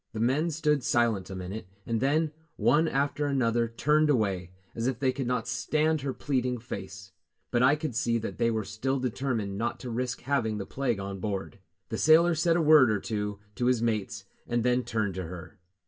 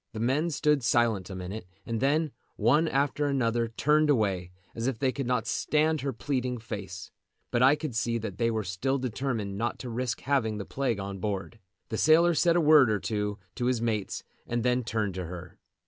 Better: second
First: room echo; dies away in 0.1 s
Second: none

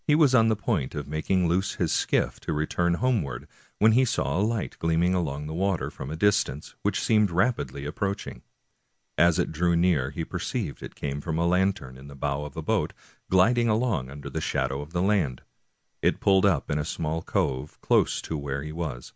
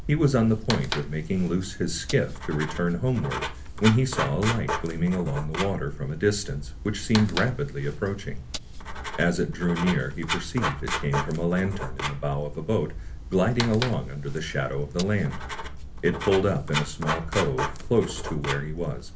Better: first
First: none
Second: background sound (Writing); 6 dB below the speech // room echo; dies away in 0.3 s

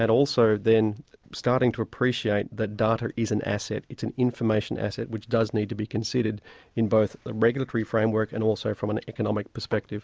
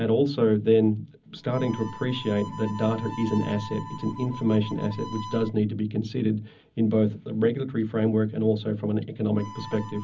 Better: first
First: none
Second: background sound (Harmonica); 17 dB below the speech // room echo; dies away in 0.4 s

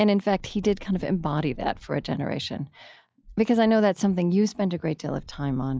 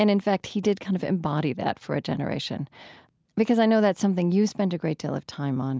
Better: second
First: noise reduction (classical method log-MMSE)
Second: none

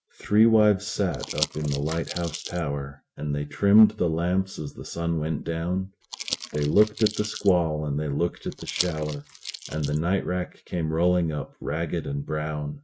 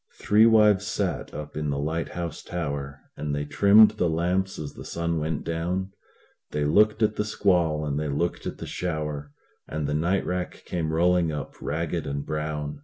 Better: second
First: noise reduction (neural mask model RNNoise)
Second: none

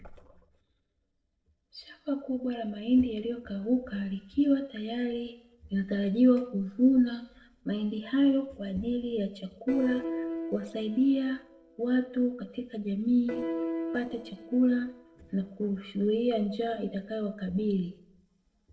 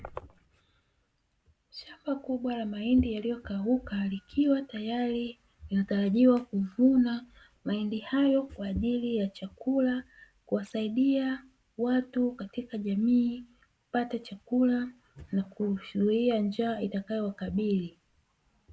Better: second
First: noise reduction (neural separator model SepFormer DNS4)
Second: none

